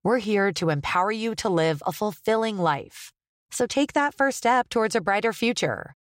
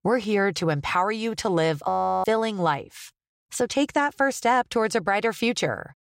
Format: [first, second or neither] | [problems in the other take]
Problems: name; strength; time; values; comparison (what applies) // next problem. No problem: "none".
first | audio freezing; at 2 s